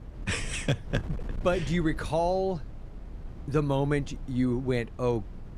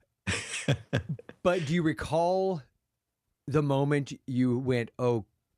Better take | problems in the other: second | wind noise on the microphone; occasional gusts; 20 dB below the speech

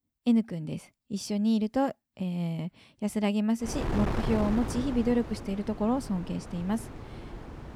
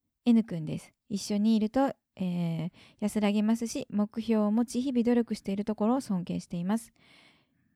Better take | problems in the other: second | wind noise on the microphone; heavy; from 3.5 s on; 6 dB below the speech

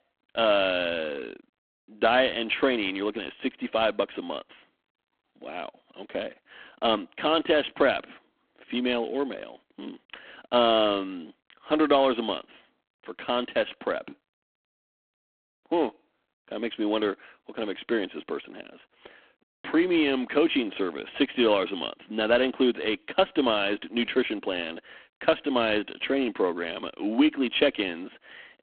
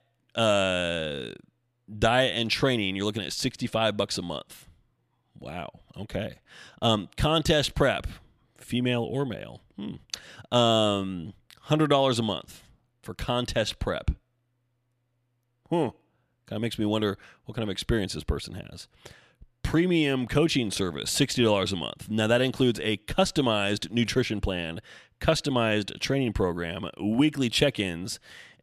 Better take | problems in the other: second | phone-call audio; poor line

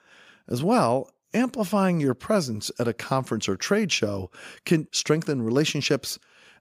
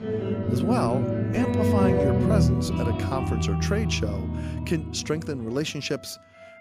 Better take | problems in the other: first | background music; very loud; throughout; 4 dB above the speech

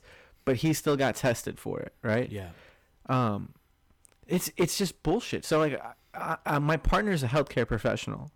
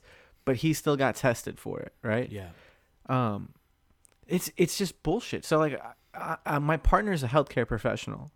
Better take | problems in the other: second | distortion; slight; 4% of the sound clipped

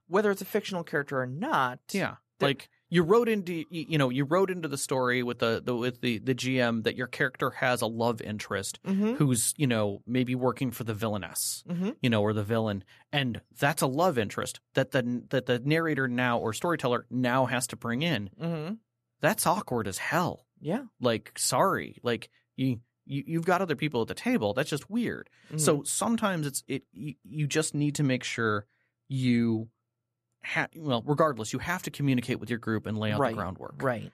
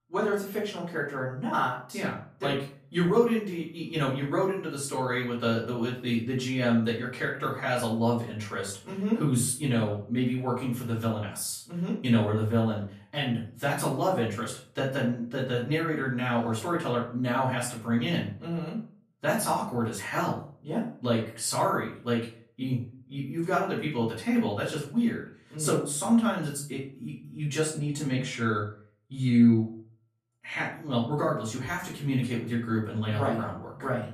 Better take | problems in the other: first | room echo; slight; dies away in 0.4 s // off-mic speech; far

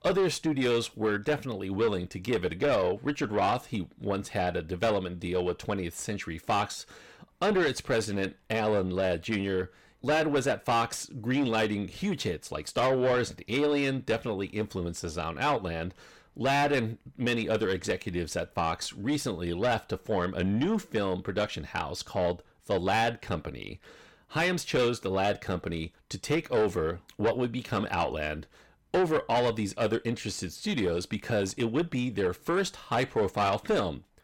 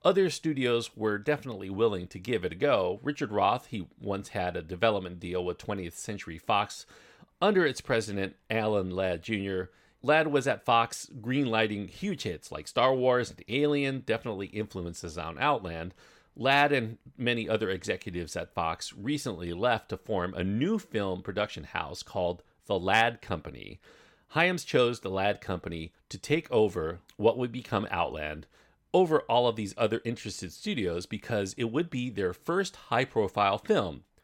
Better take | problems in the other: second | distortion; heavy; 7 dB below the speech

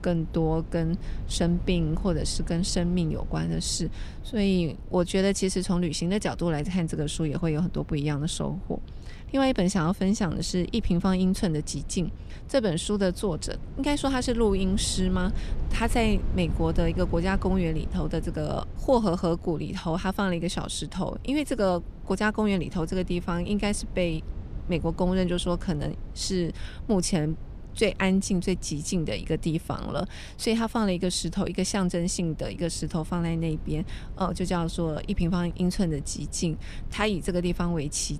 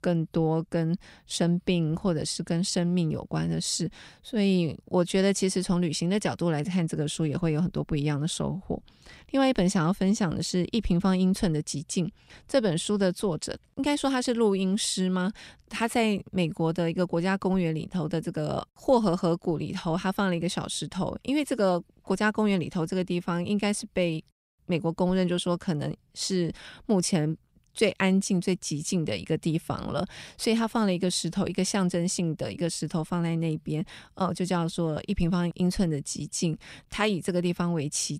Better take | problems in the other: second | low rumble; faint; throughout; 20 dB below the speech

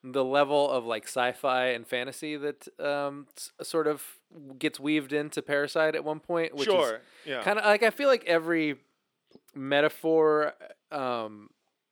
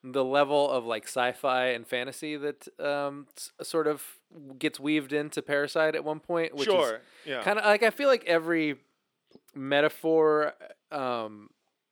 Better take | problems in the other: neither | thin; somewhat; fading below 350 Hz; the same in both

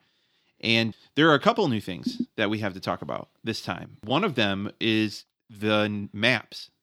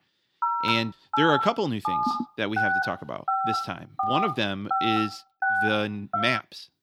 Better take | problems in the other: first | phone ringing; loud; peak 4 dB above the speech

